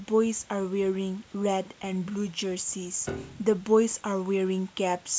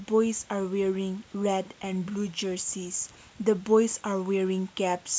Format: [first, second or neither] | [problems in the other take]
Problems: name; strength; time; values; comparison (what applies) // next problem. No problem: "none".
second | background sound (Piano); 14 dB below the speech